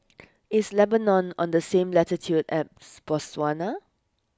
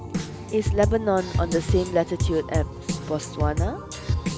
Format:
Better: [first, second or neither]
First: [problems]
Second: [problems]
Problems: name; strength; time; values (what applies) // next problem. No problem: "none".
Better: first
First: none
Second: background sound (Drum kit); 1 dB below the speech